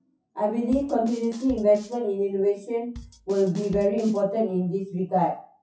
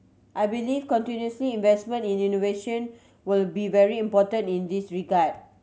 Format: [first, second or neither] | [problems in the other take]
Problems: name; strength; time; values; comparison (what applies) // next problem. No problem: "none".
second | noise reduction (classical method WPE with log-MMSE)